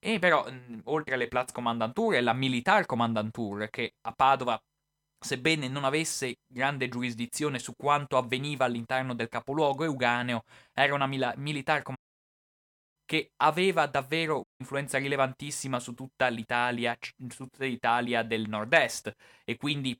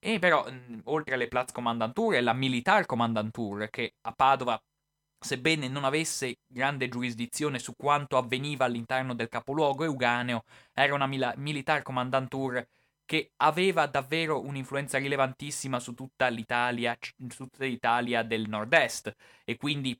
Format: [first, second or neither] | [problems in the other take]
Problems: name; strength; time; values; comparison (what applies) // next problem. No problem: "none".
second | audio cutting out; at 12 s for 1 s and at 14 s